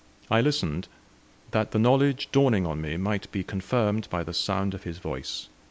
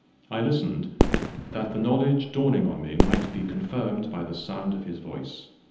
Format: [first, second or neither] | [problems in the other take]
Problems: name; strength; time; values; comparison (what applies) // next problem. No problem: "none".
first | background sound (Fireworks); as loud as the speech // room echo; dies away in 0.9 s